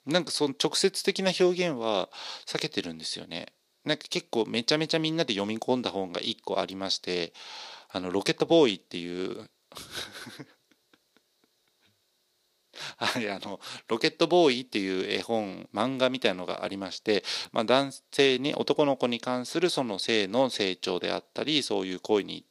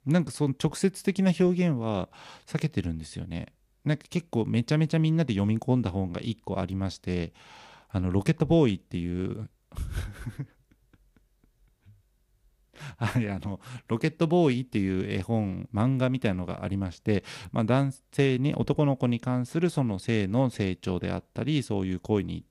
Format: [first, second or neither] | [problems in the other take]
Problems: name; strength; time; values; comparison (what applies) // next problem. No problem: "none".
second | thin; somewhat; fading below 400 Hz